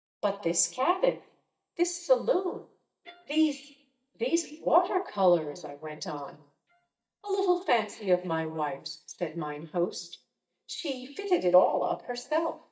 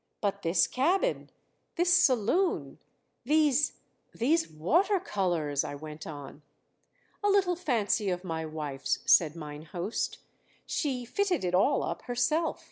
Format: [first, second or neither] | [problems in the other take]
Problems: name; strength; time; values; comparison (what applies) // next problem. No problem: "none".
second | noise reduction (neural mask model DeepFilterNet 3)